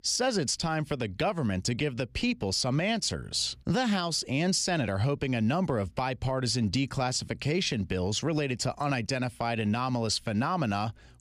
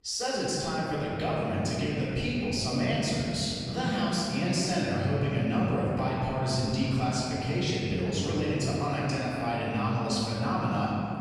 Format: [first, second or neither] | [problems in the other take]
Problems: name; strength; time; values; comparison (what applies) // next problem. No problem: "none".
first | off-mic speech; far // room echo; strong; dies away in 2.8 s